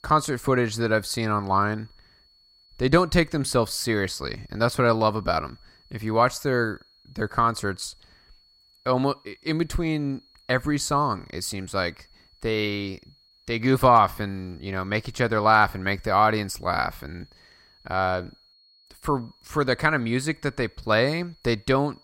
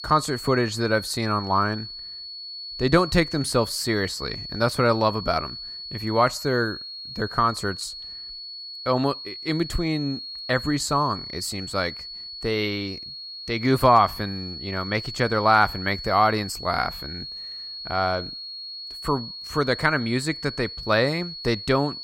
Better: first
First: high-pitched whine; faint; throughout; 4.5 kHz, 30 dB below the speech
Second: high-pitched whine; loud; throughout; 4.5 kHz, 10 dB below the speech

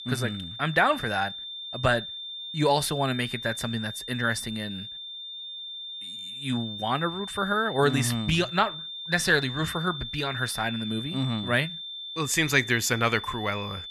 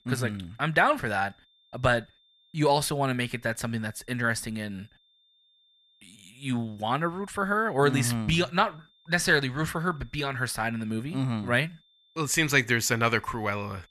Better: second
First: high-pitched whine; loud; throughout; 3.5 kHz, 9 dB below the speech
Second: high-pitched whine; faint; throughout; 3.5 kHz, 35 dB below the speech

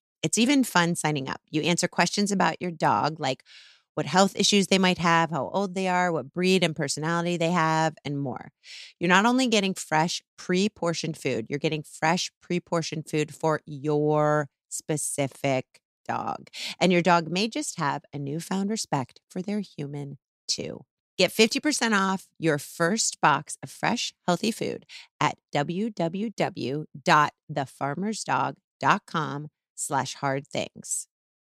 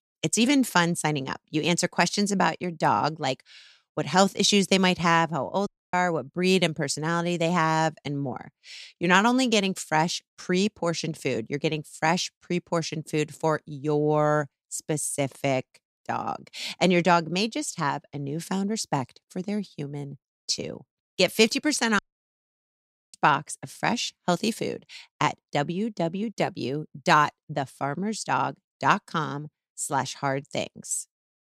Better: first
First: none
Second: audio cutting out; at 5.5 s and at 22 s for 1 s

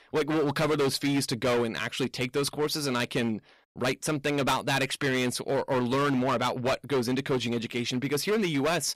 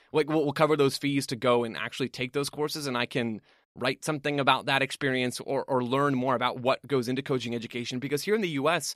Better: second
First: distortion; heavy; 16% of the sound clipped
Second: none

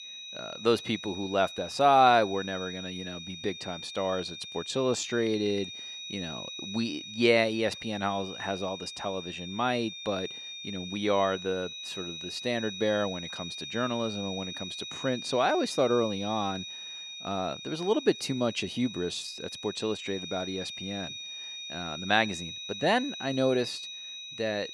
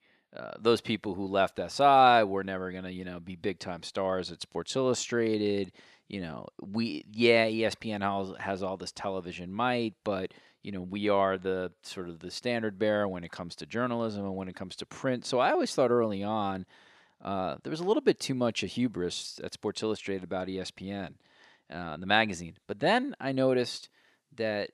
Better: second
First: high-pitched whine; loud; throughout; 4 kHz, 9 dB below the speech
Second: none

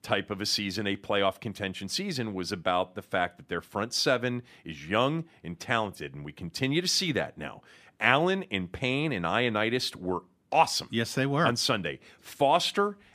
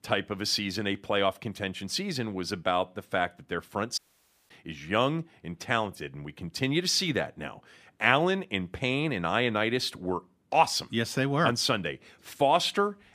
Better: first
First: none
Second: audio cutting out; at 4 s for 0.5 s

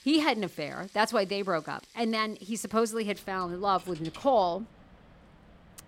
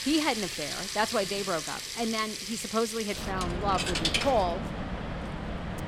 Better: first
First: household noises; faint; throughout; 25 dB below the speech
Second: household noises; loud; throughout; 2 dB below the speech

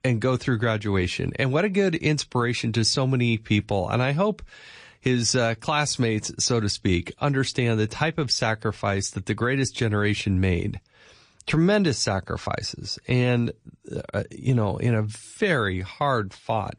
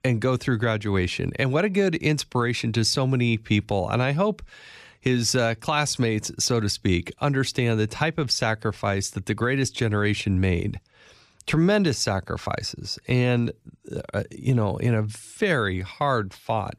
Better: second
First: garbled, watery; slightly; nothing above 9 kHz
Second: none

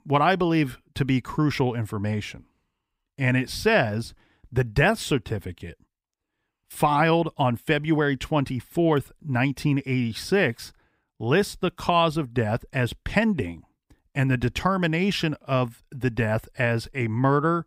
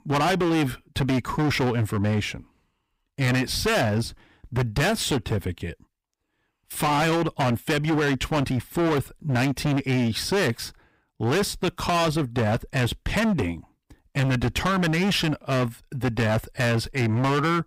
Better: first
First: none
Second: distortion; heavy; 22% of the sound clipped

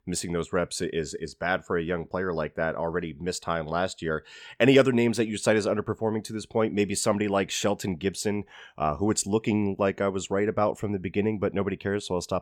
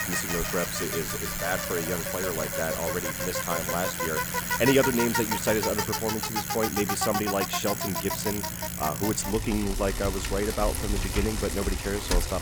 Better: first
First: none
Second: traffic noise; very loud; throughout; as loud as the speech

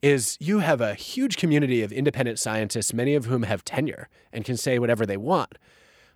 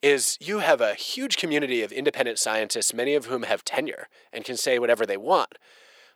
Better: first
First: none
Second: thin; somewhat; fading below 500 Hz

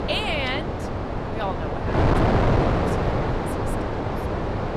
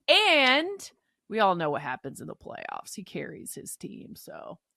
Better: second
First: wind noise on the microphone; heavy; 2 dB above the speech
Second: none

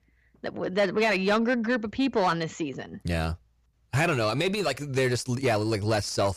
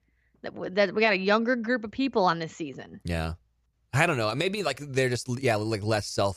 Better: second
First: distortion; slight; 10 dB below the speech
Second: none

